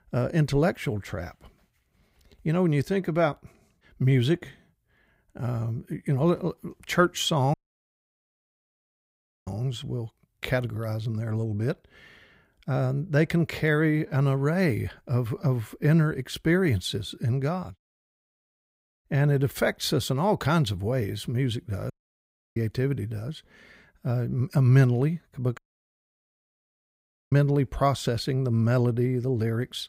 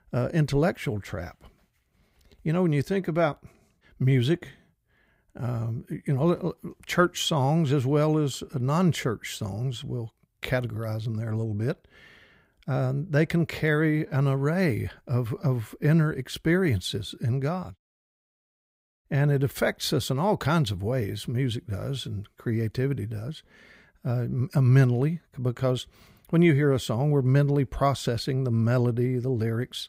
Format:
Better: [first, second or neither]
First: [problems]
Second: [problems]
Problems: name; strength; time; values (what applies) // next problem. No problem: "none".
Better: second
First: audio cutting out; at 7.5 s for 2 s, at 22 s for 0.5 s and at 26 s for 1.5 s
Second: none